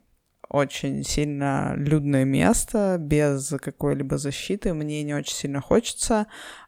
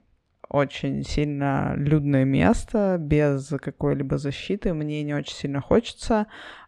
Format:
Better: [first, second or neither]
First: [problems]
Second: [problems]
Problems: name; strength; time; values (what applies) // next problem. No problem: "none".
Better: first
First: none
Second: muffled; slightly; fading above 3.5 kHz